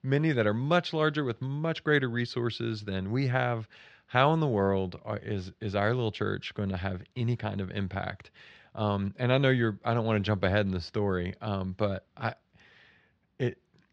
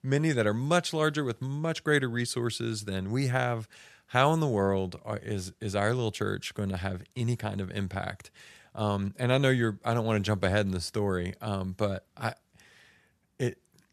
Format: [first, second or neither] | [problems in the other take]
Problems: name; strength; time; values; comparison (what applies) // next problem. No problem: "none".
second | muffled; very slightly; fading above 4.5 kHz